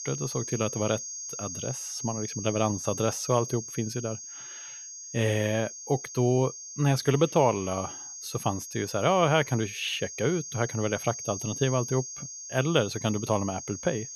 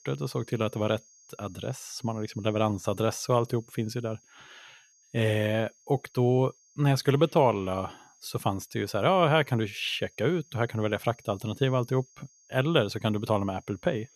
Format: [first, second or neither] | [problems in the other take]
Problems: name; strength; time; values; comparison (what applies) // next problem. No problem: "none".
second | high-pitched whine; loud; throughout; 6.5 kHz, 8 dB below the speech; faint in the second